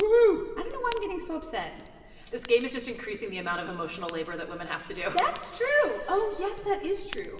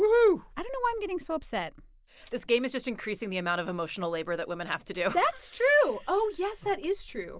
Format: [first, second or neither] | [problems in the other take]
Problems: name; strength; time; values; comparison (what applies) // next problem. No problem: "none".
second | background sound (Fire); 19 dB below the speech // room echo; dies away in 2.7 s